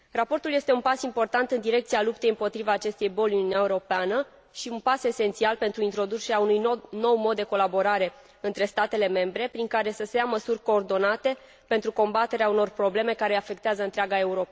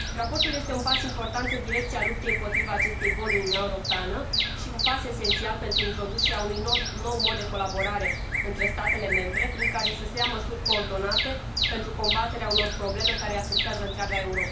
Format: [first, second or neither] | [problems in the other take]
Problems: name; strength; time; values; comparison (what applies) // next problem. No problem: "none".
first | background sound (Bird vocalization, bird call, bird song); 4 dB above the speech // room echo; dies away in 0.3 s